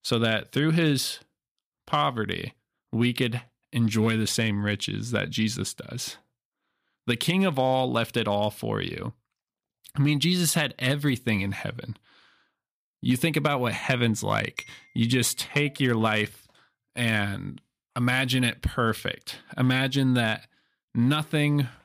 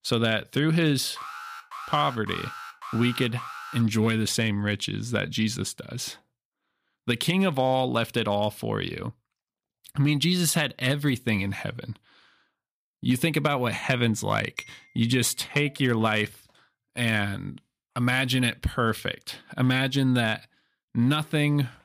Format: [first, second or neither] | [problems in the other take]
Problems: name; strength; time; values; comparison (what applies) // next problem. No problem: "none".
first | alarm; faint; from 1 to 4 s; peak 10 dB below the speech